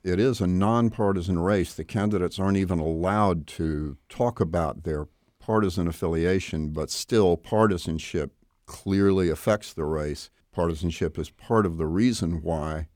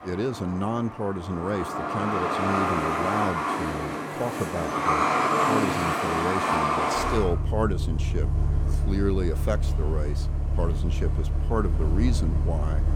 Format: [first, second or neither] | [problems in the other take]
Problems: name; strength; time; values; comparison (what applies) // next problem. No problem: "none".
first | traffic noise; very loud; throughout; 4 dB above the speech